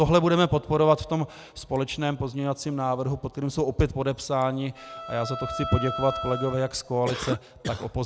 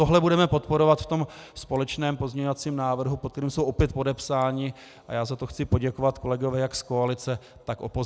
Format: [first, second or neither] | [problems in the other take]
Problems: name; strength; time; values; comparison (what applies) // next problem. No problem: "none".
second | background sound (Bowed string instrument + Cough); 8 dB below the speech